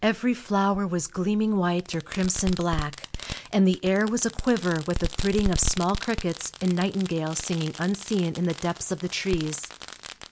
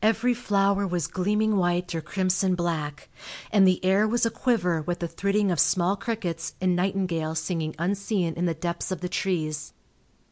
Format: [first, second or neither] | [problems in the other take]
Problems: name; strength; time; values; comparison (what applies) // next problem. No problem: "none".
second | background sound (Fireworks); 9 dB below the speech